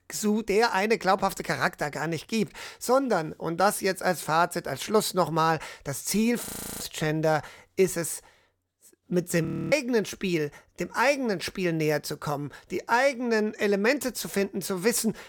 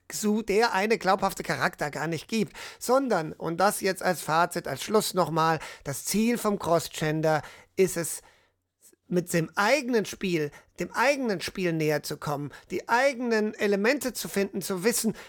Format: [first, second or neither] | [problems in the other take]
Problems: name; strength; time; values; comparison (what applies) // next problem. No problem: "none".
second | audio freezing; at 6.5 s and at 9.5 s